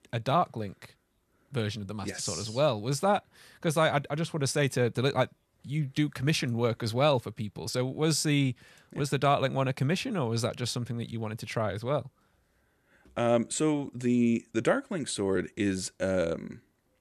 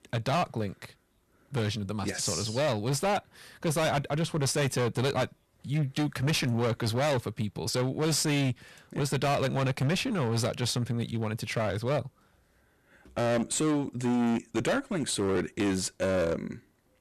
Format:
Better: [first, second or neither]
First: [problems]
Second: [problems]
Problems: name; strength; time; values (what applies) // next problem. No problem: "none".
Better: first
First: none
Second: distortion; heavy; 18% of the sound clipped